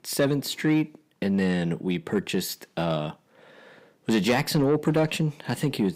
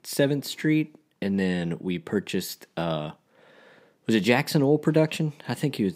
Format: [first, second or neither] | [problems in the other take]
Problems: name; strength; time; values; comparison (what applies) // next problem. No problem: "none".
second | distortion; slight; 10 dB below the speech